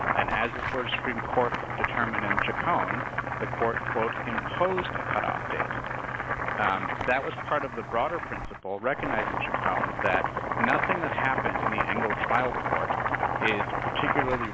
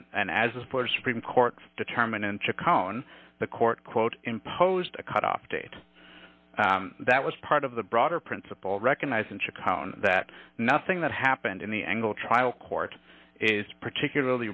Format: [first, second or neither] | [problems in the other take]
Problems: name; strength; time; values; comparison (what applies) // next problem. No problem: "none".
second | background sound (Boiling); 1 dB above the speech